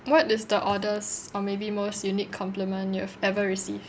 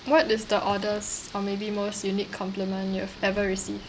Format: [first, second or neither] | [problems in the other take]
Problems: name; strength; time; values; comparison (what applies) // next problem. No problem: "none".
first | background sound (Rain); 19 dB below the speech